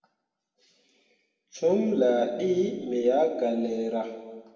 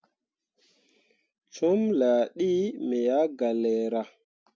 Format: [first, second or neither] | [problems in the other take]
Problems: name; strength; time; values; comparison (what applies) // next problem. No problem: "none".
second | room echo; dies away in 1.3 s